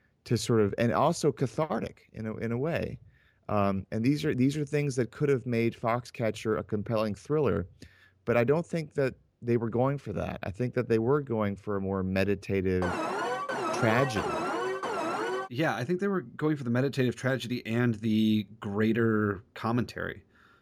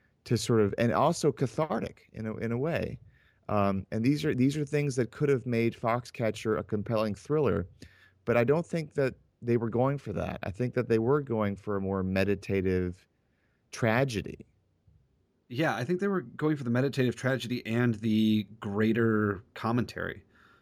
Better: second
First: alarm; noticeable; from 13 to 15 s; peak 1 dB below the speech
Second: none

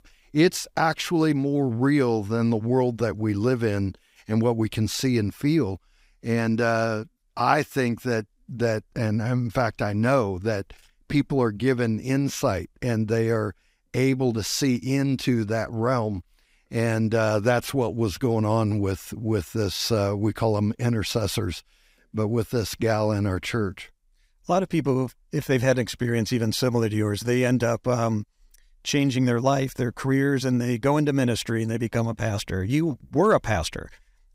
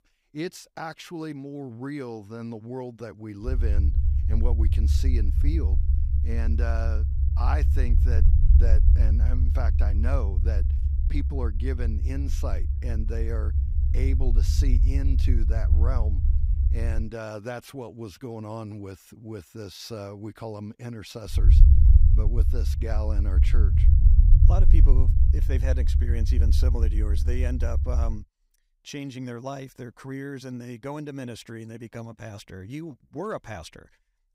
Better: first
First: none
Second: low rumble; loud; from 3.5 to 17 s and from 21 to 28 s; 4 dB below the speech

